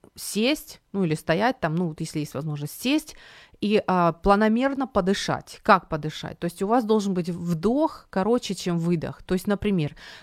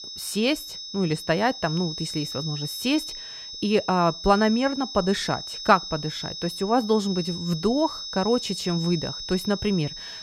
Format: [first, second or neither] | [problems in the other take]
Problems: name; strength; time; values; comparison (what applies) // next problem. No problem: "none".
first | high-pitched whine; loud; throughout; 5.5 kHz, 8 dB below the speech